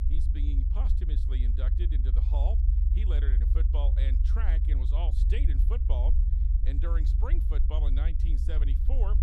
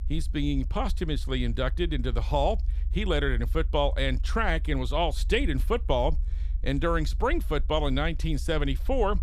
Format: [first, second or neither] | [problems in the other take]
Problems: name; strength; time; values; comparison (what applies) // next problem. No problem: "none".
second | low rumble; loud; throughout; 3 dB below the speech; faint in the second